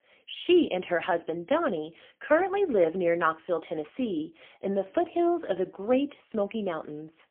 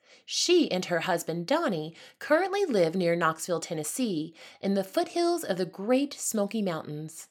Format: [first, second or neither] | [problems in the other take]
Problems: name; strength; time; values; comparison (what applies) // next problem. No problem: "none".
second | phone-call audio; poor line; nothing above 3.5 kHz